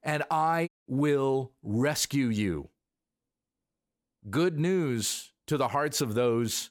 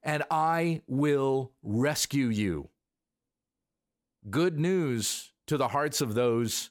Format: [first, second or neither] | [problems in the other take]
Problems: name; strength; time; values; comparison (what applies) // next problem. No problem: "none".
second | audio cutting out; at 0.5 s